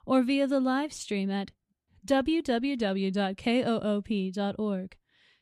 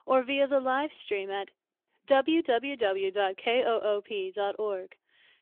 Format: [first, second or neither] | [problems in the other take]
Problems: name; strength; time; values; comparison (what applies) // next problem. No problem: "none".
first | phone-call audio